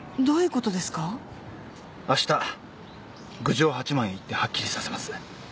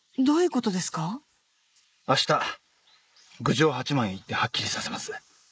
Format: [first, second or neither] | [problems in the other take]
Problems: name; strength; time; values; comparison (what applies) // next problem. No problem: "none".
first | noise reduction (neural mask model Resemble Enhance denoiser)